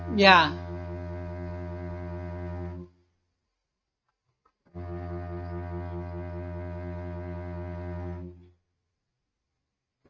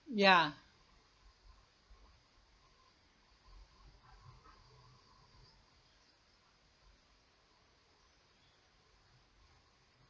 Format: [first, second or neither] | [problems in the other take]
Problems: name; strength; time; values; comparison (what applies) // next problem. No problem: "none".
second | noise reduction (neural mask model RNNoise)